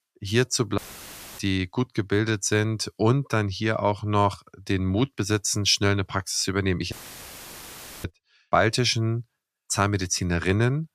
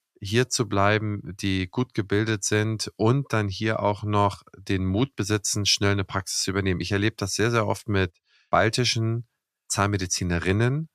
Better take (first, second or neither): second